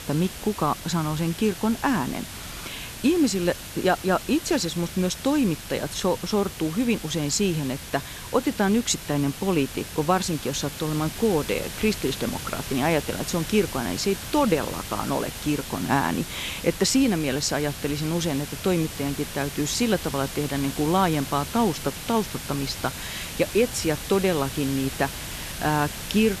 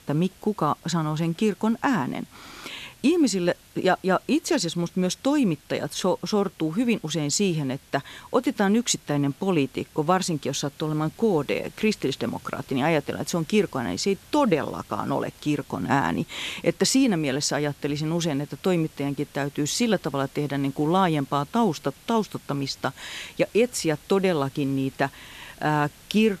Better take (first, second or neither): second